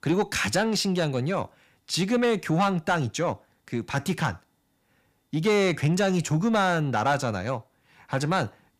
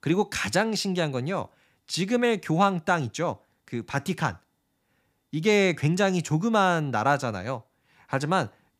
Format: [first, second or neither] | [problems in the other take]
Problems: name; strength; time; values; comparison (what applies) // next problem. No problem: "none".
second | distortion; slight; 10 dB below the speech